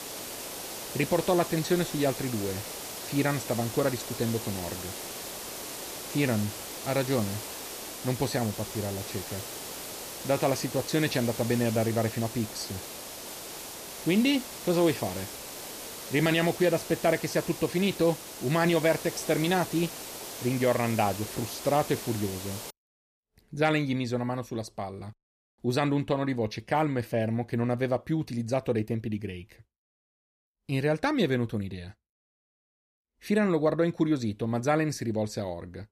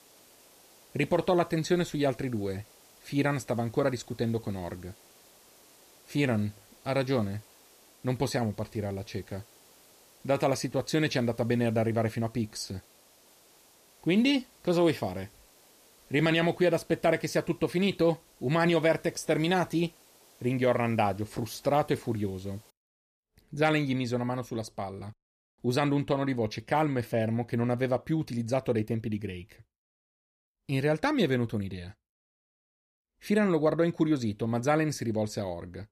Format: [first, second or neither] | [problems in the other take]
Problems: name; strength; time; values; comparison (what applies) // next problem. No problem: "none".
second | hiss; loud; until 23 s; 9 dB below the speech; faint in the second